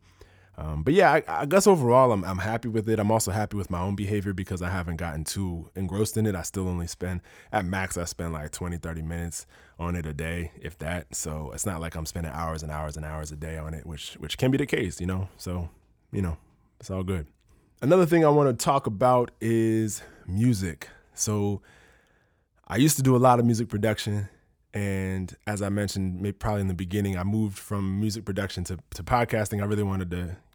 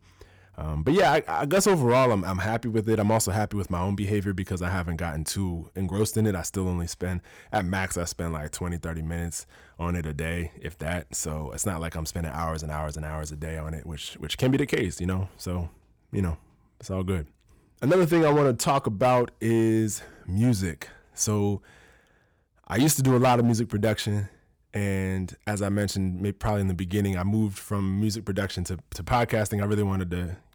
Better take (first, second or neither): first